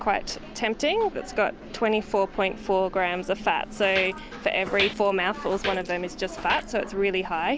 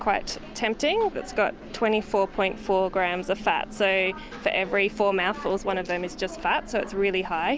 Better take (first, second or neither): second